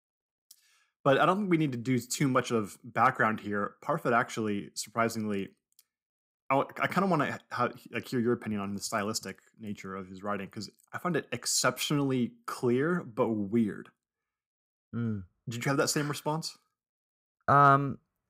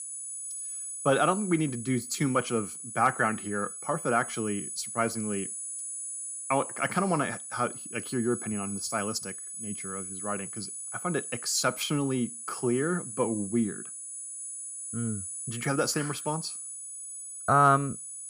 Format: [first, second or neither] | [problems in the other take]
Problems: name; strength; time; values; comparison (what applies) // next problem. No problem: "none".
first | high-pitched whine; loud; throughout; 10 kHz, 7 dB below the speech